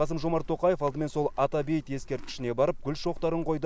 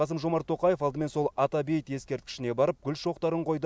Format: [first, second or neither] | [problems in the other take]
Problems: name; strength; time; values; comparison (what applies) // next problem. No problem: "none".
second | background sound (Livestock, farm animals, working animals); 10 dB below the speech